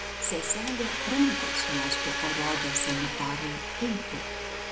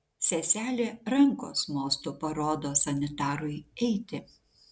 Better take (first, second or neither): second